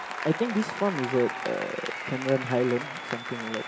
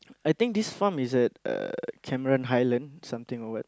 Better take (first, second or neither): second